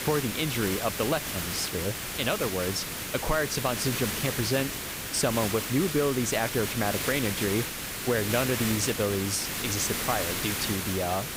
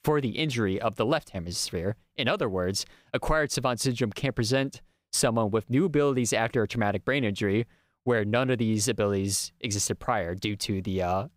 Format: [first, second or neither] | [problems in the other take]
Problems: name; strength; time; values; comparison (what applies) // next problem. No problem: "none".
second | hiss; loud; throughout; 2 dB below the speech